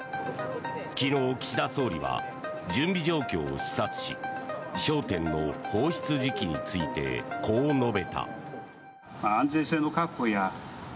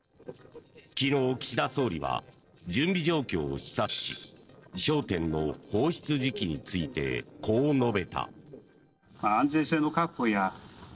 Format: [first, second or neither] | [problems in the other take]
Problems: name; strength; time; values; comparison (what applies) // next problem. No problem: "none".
first | noise reduction (neural separator model SepFormer DNS4)